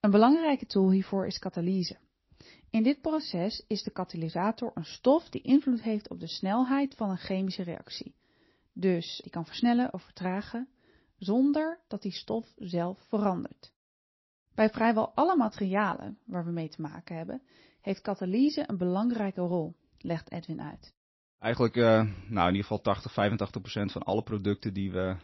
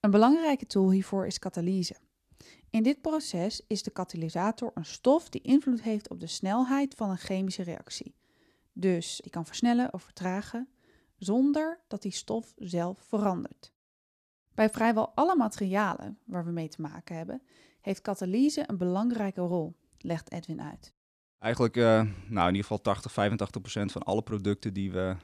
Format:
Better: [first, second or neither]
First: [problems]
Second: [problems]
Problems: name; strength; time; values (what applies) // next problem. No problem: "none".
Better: second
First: garbled, watery; slightly; nothing above 5.5 kHz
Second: none